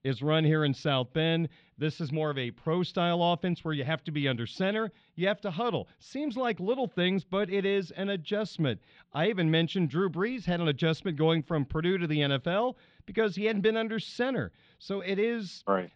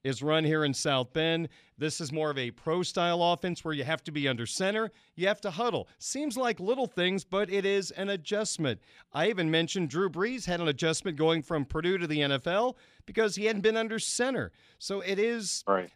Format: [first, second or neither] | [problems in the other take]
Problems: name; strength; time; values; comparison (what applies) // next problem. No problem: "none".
second | muffled; slightly; fading above 3.5 kHz